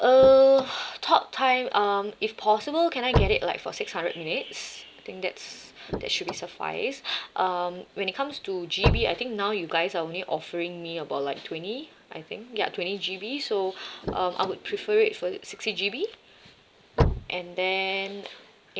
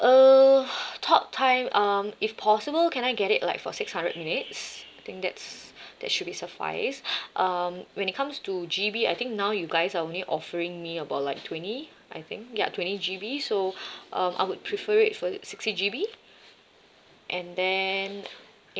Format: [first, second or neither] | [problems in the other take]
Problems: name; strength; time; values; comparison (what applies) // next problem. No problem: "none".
second | background sound (Slam / Car); 6 dB below the speech